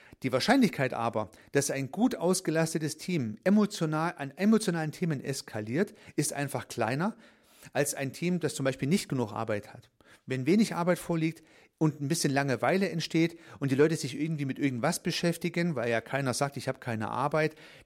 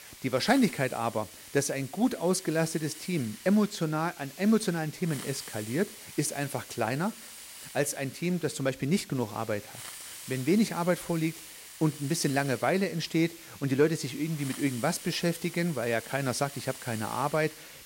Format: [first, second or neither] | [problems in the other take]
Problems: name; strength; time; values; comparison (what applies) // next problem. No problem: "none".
first | hiss; noticeable; throughout; 15 dB below the speech